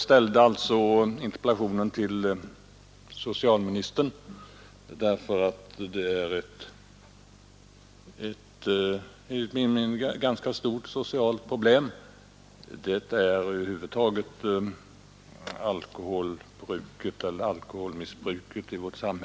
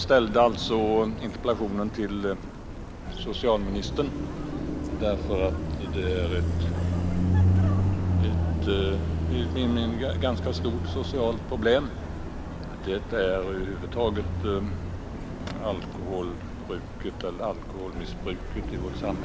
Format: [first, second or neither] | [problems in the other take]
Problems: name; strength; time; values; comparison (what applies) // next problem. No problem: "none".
first | background sound (Car passing by); as loud as the speech